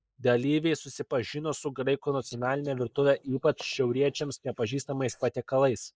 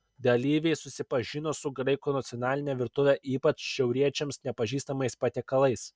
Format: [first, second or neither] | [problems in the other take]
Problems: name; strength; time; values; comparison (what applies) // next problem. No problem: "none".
second | noise reduction (neural mask model Resemble Enhance denoiser)